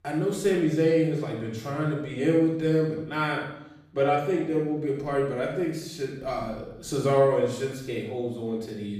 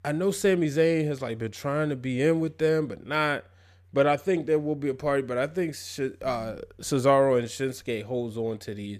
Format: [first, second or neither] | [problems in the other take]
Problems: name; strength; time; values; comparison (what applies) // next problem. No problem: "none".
second | off-mic speech; far // room echo; noticeable; dies away in 0.7 s